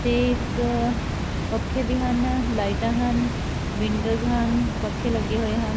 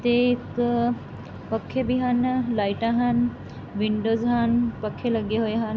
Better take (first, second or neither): second